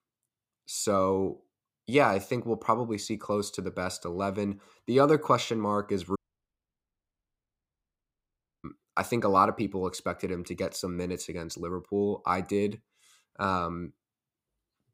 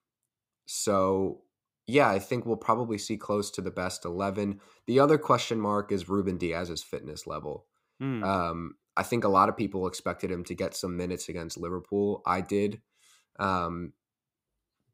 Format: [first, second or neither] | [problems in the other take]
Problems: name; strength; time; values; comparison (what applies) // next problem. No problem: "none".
second | audio cutting out; at 6 s for 2.5 s